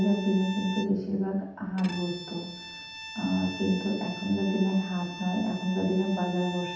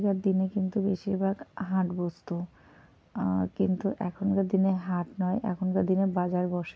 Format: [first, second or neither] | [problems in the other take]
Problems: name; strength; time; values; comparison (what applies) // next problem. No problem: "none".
second | background sound (Bowed string instrument); 13 dB below the speech // room echo; dies away in 0.8 s